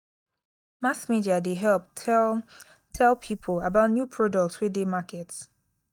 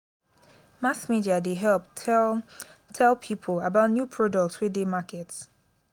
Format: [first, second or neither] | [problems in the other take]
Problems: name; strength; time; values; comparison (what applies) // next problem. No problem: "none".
second | noise reduction (neural mask model DeepFilterNet 3)